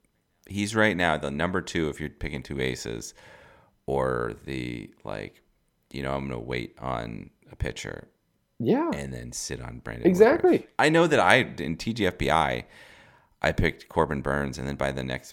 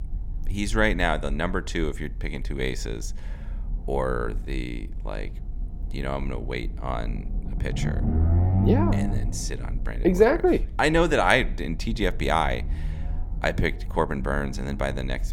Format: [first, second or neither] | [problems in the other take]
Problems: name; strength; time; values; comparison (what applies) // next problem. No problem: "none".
first | low rumble; noticeable; throughout; 15 dB below the speech